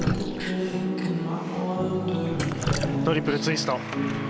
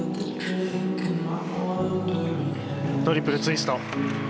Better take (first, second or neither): second